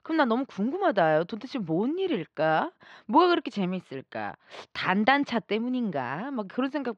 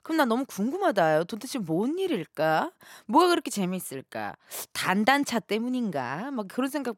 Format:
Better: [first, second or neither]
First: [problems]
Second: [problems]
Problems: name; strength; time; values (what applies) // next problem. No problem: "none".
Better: second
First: muffled; very slightly; fading above 4 kHz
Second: none